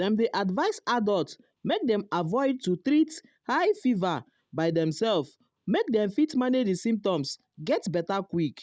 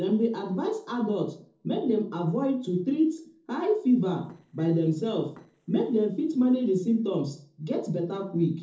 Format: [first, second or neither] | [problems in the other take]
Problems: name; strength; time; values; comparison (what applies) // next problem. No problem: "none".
first | noise reduction (neural separator model SepFormer DNS4)